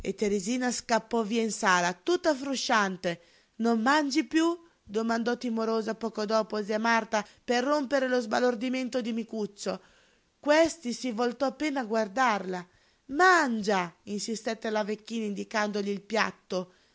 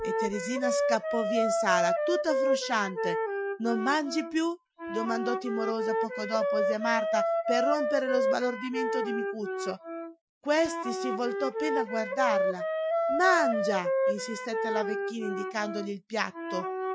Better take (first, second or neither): first